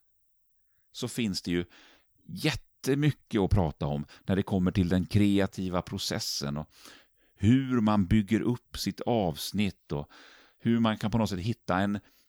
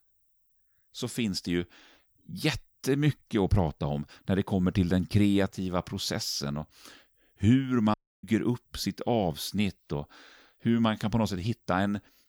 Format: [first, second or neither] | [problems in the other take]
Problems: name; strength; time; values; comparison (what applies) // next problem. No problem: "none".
first | audio cutting out; at 8 s